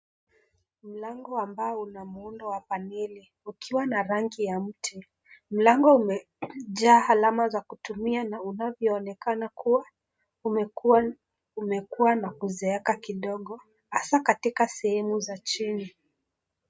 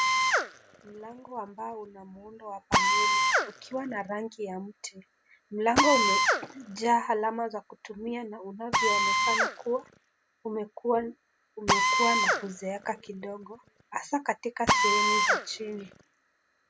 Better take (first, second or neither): first